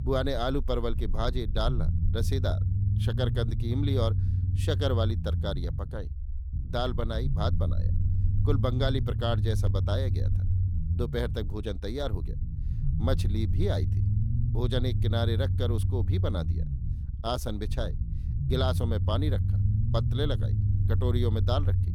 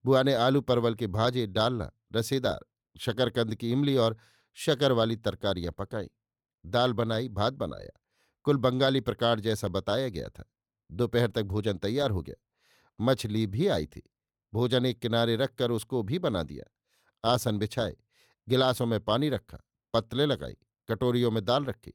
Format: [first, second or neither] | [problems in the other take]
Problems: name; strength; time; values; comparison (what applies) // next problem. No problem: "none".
second | low rumble; loud; throughout; 9 dB below the speech